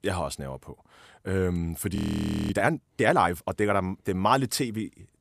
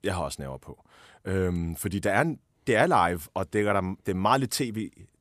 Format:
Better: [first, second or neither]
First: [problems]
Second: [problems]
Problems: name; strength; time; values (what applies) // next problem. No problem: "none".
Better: second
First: audio freezing; at 2 s for 0.5 s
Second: none